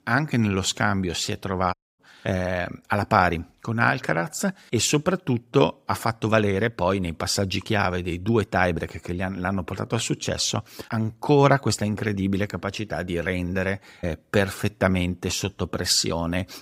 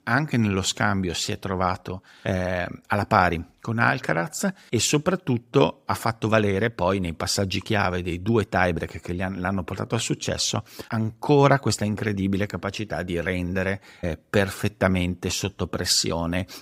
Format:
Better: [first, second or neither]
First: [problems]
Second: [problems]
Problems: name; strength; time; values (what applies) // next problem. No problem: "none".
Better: second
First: audio cutting out; at 1.5 s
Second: none